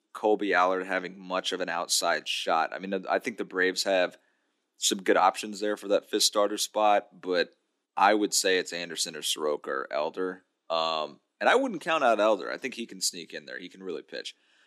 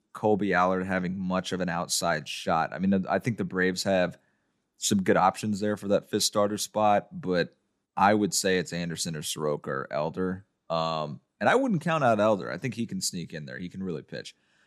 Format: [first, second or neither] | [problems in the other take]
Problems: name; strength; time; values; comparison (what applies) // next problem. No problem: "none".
second | thin; somewhat; fading below 300 Hz